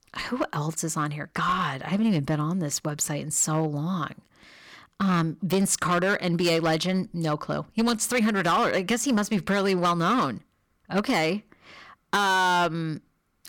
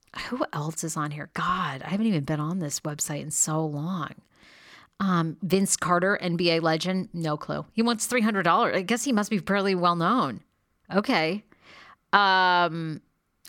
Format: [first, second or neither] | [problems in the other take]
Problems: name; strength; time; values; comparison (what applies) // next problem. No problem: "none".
second | distortion; slight; 7% of the sound clipped